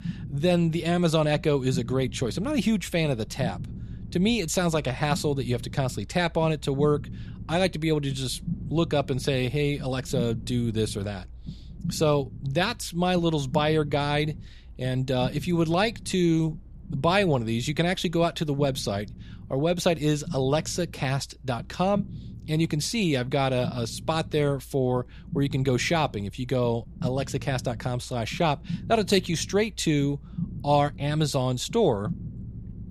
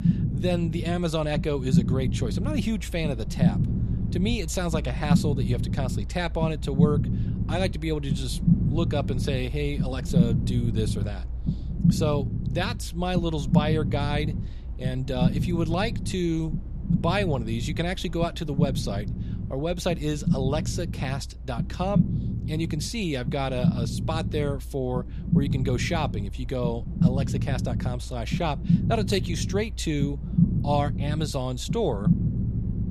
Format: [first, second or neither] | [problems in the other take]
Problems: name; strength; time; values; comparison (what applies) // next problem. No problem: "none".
first | low rumble; loud; throughout; 6 dB below the speech; faint in the first